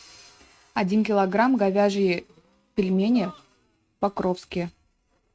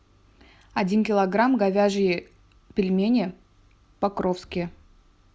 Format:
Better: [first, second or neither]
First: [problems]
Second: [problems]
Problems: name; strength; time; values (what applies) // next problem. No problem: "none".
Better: second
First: noise reduction (neural mask model RNNoise)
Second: none